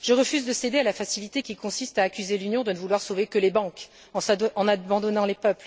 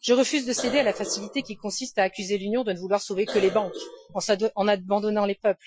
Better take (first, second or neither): first